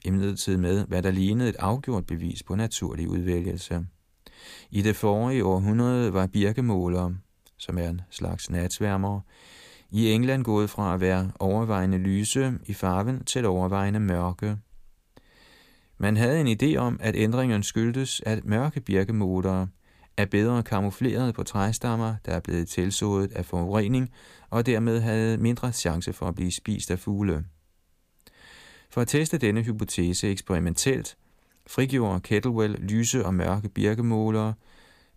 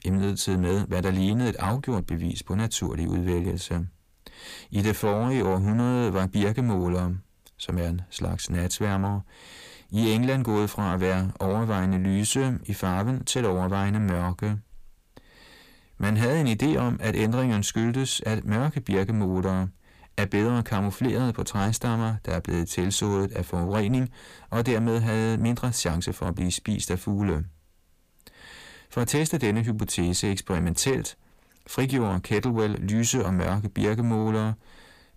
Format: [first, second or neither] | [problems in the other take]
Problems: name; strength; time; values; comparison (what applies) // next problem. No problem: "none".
first | distortion; slight; 10 dB below the speech